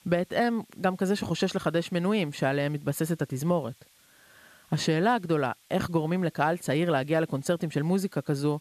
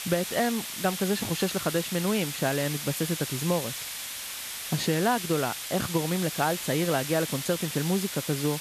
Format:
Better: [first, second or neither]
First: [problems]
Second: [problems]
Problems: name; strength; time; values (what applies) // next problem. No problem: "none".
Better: first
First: hiss; faint; throughout; 30 dB below the speech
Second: hiss; loud; throughout; 5 dB below the speech